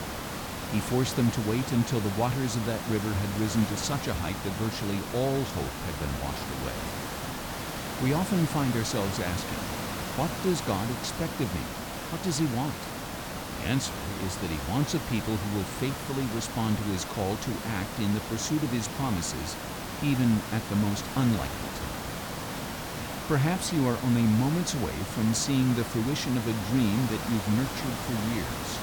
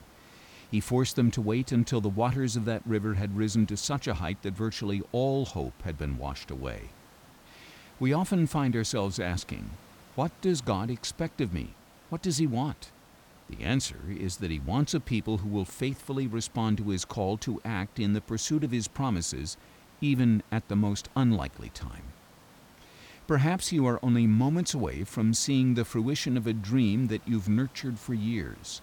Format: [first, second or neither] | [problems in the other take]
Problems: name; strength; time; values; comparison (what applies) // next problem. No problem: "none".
second | hiss; loud; throughout; 5 dB below the speech; faint in the second